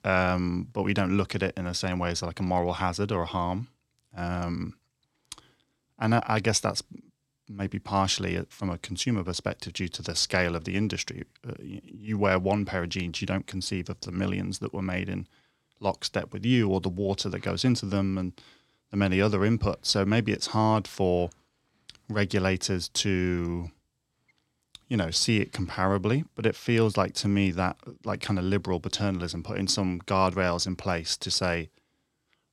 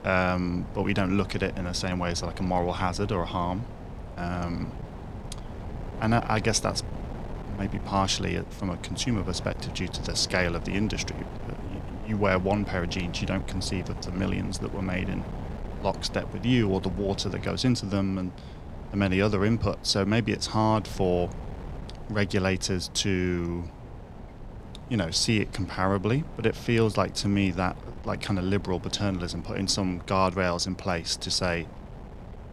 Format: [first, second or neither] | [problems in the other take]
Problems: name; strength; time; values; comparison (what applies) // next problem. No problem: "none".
first | wind noise on the microphone; occasional gusts; 15 dB below the speech